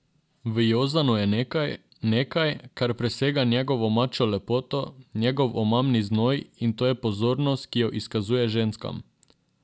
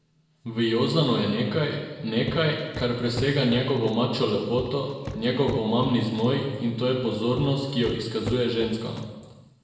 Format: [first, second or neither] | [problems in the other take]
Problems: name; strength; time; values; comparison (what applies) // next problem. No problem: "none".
first | background sound (Walk, footsteps); 13 dB below the speech // room echo; dies away in 1.2 s